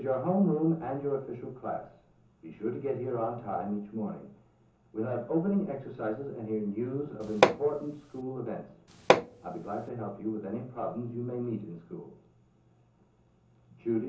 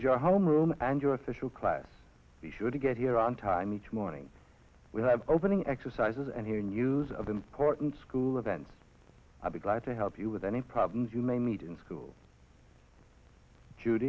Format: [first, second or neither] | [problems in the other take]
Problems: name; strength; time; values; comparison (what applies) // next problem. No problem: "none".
second | background sound (Hammer); 5 dB above the speech // room echo; dies away in 0.6 s